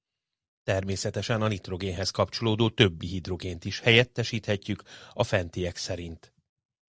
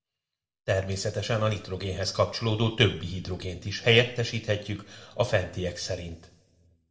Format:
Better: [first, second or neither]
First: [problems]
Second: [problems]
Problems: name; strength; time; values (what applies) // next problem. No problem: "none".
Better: first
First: none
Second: room echo; dies away in 1 s